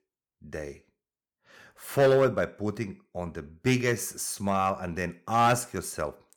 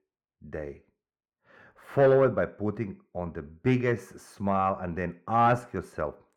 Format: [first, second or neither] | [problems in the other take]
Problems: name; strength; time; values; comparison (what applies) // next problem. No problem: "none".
first | muffled; very; fading above 3.5 kHz